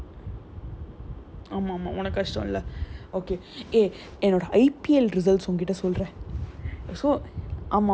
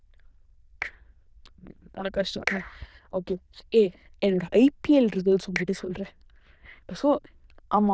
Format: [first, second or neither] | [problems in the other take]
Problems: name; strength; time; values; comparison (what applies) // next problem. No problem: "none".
first | noise reduction (neural diffusion model UNIVERSE++)